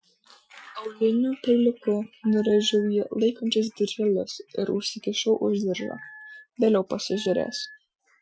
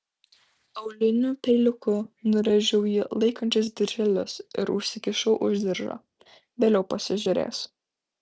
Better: second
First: noise reduction (classical method Wiener filter)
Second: none

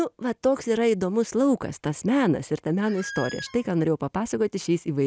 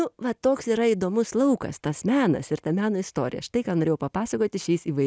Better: second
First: background sound (Squeak); 14 dB below the speech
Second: none

